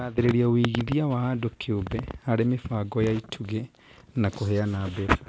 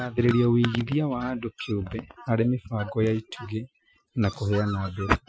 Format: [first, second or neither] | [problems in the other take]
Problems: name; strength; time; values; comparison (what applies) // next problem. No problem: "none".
first | noise reduction (classical method Wiener filter)